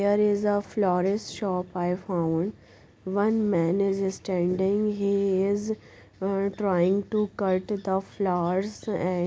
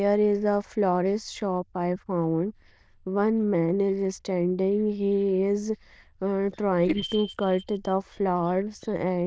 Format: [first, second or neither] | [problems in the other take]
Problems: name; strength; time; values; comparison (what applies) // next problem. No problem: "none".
first | noise reduction (neural diffusion model UNIVERSE++)